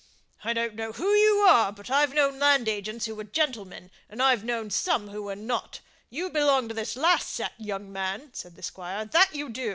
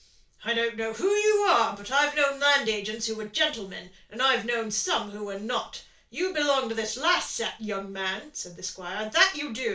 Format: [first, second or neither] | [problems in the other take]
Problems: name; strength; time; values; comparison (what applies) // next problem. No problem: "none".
first | room echo; dies away in 0.3 s